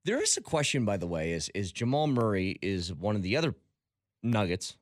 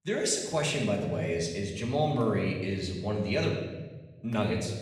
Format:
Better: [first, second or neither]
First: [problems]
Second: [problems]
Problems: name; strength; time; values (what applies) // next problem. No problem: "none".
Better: first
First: none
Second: room echo; noticeable; dies away in 1.1 s // off-mic speech; far